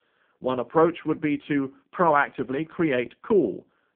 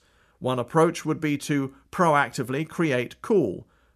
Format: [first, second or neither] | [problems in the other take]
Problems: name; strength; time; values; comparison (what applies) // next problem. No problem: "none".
second | phone-call audio; poor line